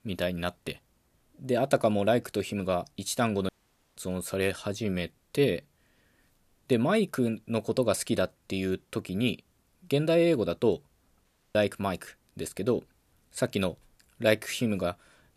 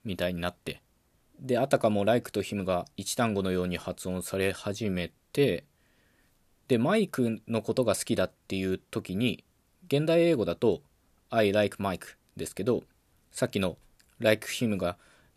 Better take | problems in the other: second | audio cutting out; at 3.5 s and at 11 s

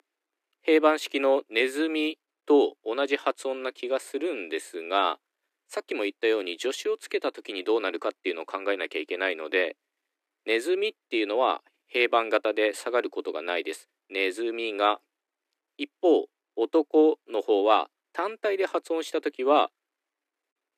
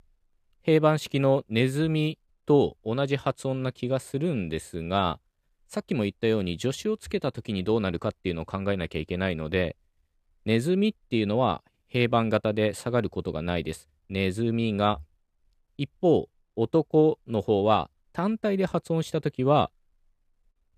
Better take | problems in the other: second | thin; somewhat; fading below 300 Hz

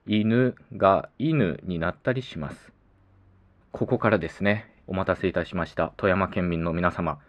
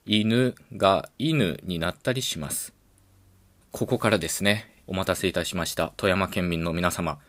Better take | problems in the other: second | muffled; very; fading above 1.5 kHz

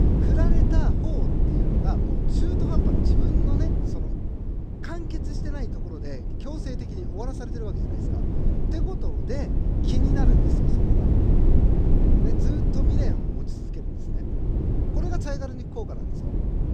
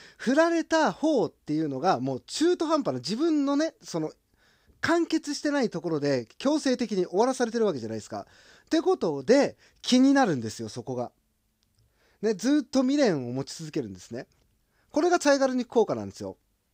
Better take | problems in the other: second | wind noise on the microphone; heavy; 4 dB above the speech

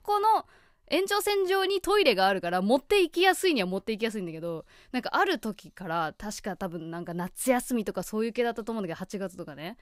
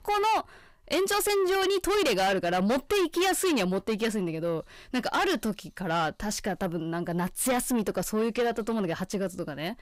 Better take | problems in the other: first | distortion; heavy; 6 dB below the speech

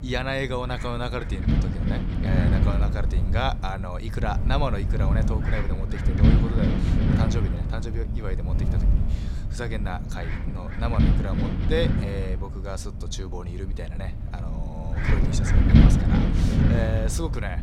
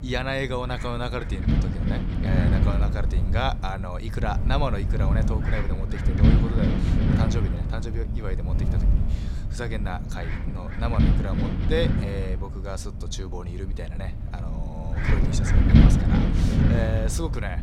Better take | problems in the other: neither | wind noise on the microphone; heavy; 1 dB below the speech; the same in both

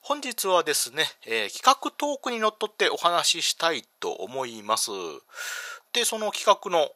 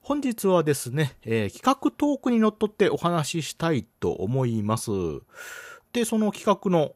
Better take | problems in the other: second | thin; very; fading below 750 Hz

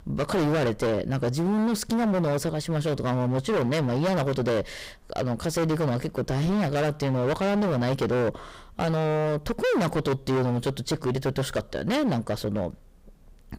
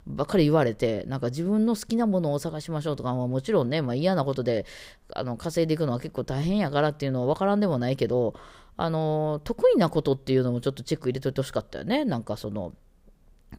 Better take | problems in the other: second | distortion; heavy; 26% of the sound clipped

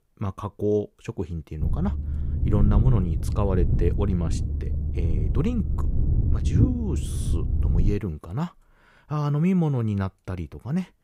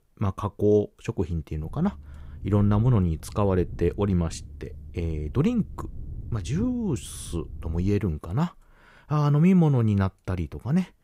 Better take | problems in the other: second | low rumble; loud; from 1.5 to 8 s; 6 dB below the speech; faint in the second

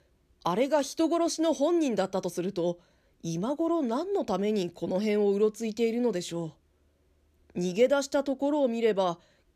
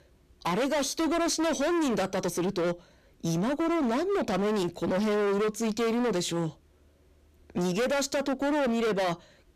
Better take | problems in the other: first | distortion; heavy; 31% of the sound clipped

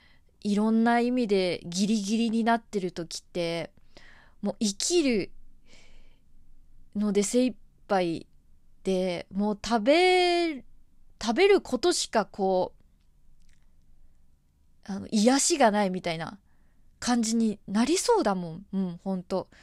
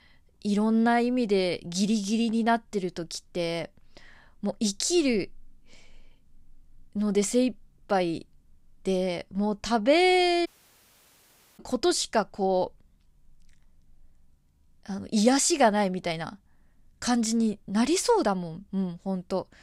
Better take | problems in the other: first | audio cutting out; at 10 s for 1 s

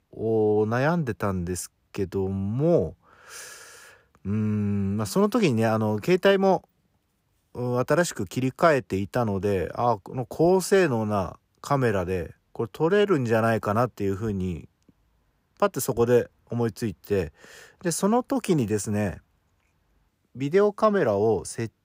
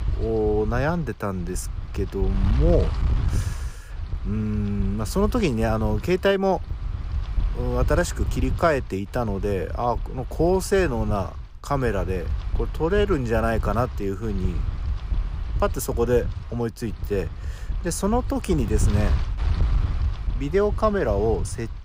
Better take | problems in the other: first | wind noise on the microphone; occasional gusts; 15 dB below the speech

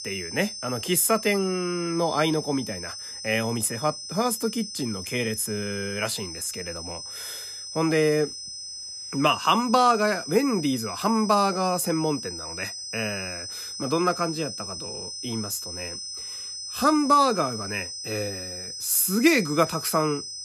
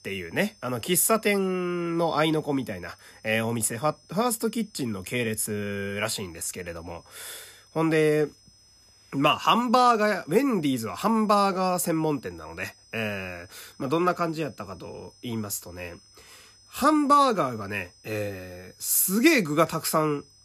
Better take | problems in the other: second | high-pitched whine; loud; throughout; 5 kHz, 9 dB below the speech; faint in the second

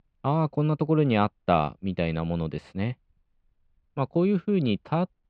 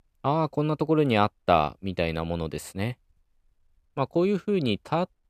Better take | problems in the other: second | muffled; very slightly; fading above 3.5 kHz

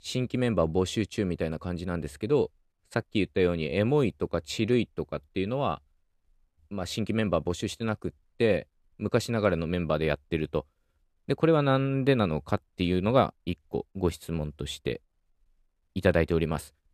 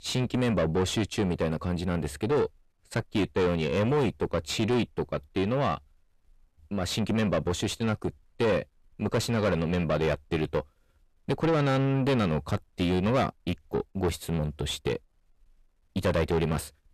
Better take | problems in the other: first | distortion; heavy; 5 dB below the speech

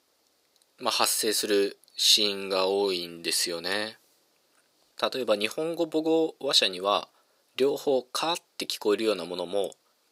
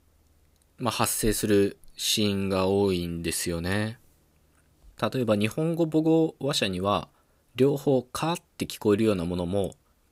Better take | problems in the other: second | thin; somewhat; fading below 450 Hz

